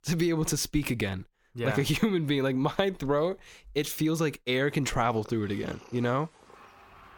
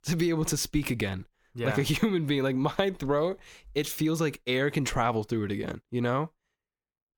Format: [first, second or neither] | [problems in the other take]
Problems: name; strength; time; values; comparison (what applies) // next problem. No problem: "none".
second | animal sounds; faint; from 5 s on; 25 dB below the speech